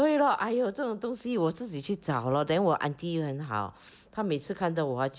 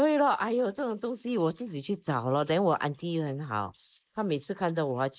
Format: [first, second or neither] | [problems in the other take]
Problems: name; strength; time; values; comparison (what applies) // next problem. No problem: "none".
first | noise reduction (neural mask model Resemble Enhance denoiser)